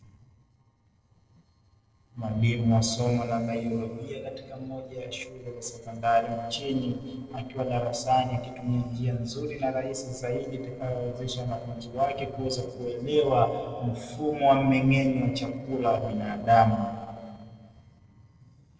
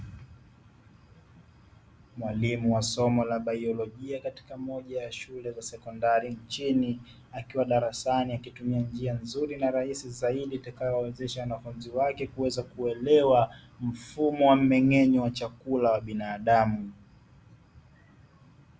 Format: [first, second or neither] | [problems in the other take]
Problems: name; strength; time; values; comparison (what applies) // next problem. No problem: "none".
second | noise reduction (neural separator model SepFormer DNS4)